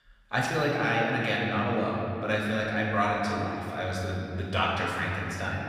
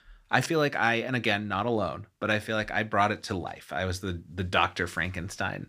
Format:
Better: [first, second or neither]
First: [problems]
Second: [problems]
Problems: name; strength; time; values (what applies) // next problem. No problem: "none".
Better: second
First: off-mic speech; far // room echo; noticeable; dies away in 2.5 s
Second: none